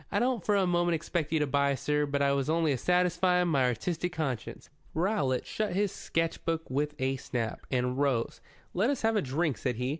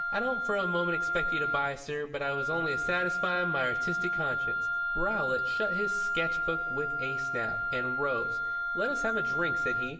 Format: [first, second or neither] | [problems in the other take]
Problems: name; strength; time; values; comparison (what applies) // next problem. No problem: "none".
first | background sound (Wind instrument, woodwind instrument); 3 dB above the speech // room echo; dies away in 0.8 s